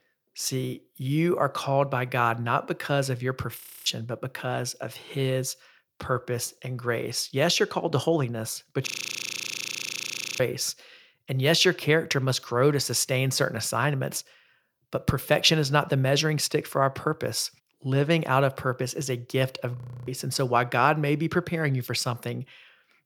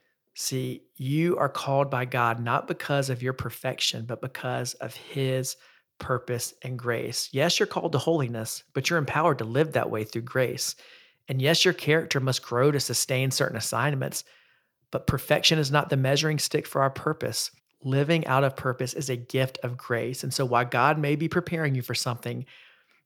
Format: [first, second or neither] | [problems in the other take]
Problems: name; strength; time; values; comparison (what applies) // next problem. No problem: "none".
second | audio freezing; at 3.5 s, at 9 s for 1.5 s and at 20 s